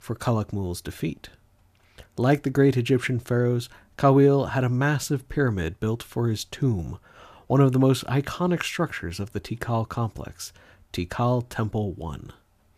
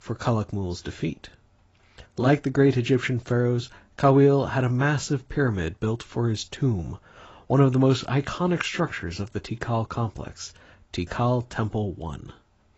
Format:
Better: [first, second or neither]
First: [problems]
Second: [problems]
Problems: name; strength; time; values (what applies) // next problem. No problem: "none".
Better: first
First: none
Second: garbled, watery; badly; nothing above 7.5 kHz